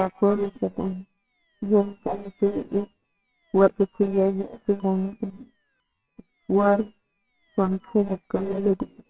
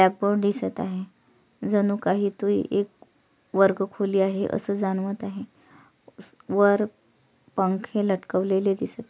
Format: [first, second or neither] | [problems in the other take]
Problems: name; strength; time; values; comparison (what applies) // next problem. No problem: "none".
second | noise reduction (neural separator model SepFormer WHAMR!)